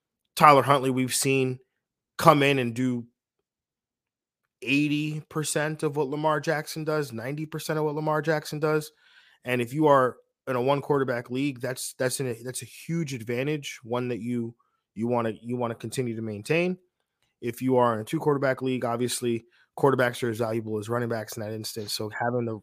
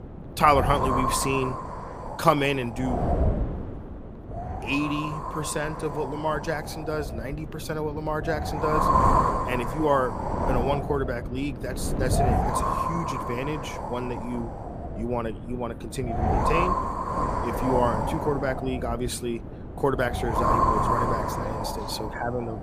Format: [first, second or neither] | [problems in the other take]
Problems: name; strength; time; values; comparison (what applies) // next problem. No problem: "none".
first | wind noise on the microphone; heavy; 1 dB above the speech